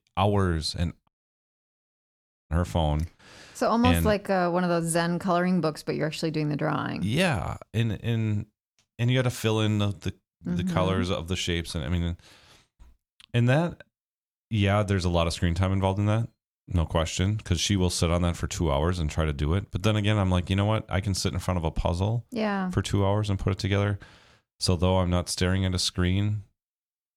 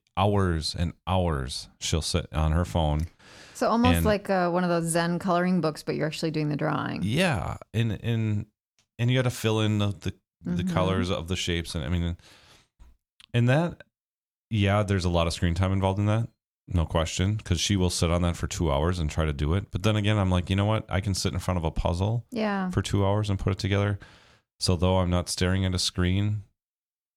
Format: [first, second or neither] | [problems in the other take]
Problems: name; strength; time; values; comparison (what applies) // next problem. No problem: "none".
second | audio cutting out; at 1 s for 1.5 s